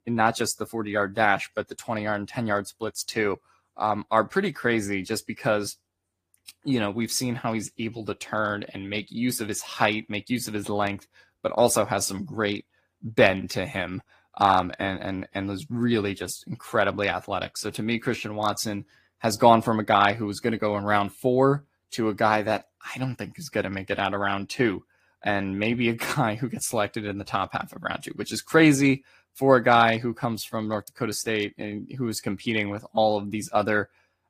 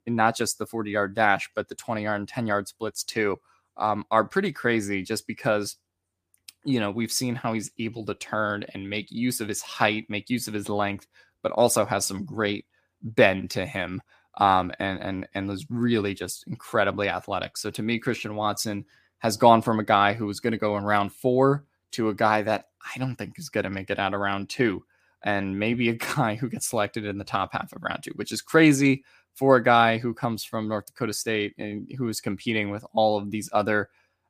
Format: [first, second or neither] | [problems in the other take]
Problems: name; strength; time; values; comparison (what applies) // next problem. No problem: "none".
second | garbled, watery; slightly; nothing above 15 kHz